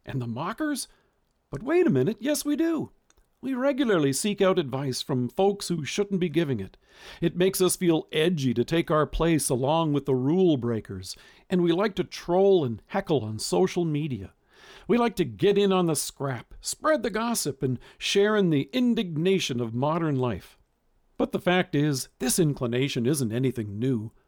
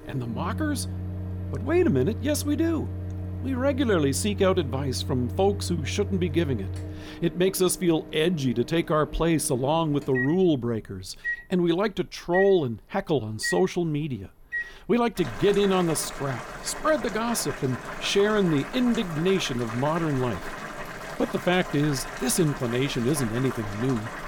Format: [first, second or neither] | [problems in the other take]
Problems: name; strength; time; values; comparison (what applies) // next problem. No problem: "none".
first | household noises; loud; throughout; 9 dB below the speech